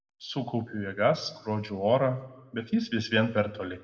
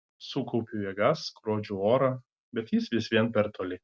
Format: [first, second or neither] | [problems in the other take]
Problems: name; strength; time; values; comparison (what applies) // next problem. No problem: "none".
second | room echo; dies away in 0.9 s